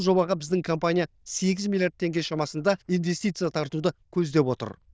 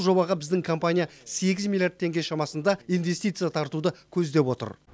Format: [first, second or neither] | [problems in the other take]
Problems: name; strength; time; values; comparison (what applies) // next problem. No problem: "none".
second | noise reduction (neural diffusion model UNIVERSE++)